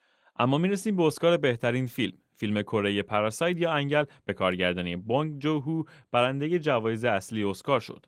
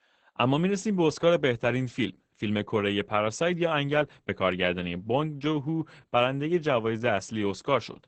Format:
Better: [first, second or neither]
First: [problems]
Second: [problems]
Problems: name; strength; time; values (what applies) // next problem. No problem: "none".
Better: first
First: garbled, watery; slightly; nothing above 16 kHz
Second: garbled, watery; badly; nothing above 8 kHz